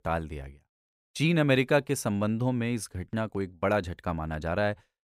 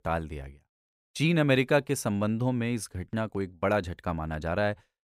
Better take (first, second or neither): neither